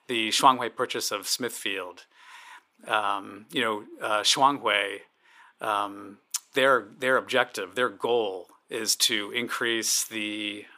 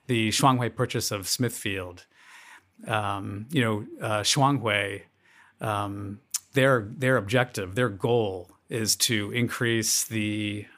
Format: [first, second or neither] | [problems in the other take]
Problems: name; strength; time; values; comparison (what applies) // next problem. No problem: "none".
second | thin; somewhat; fading below 400 Hz